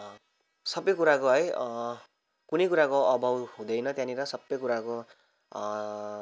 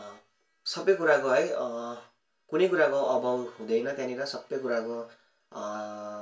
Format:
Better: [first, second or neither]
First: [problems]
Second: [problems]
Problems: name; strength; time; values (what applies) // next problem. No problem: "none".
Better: first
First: none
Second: room echo; dies away in 0.3 s